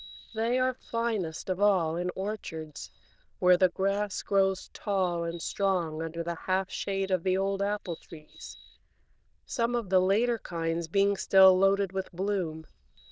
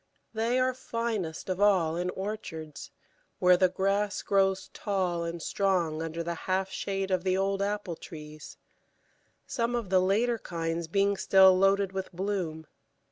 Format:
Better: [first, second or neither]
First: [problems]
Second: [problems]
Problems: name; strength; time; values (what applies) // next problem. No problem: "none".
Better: second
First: noise reduction (neural diffusion model UNIVERSE++)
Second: none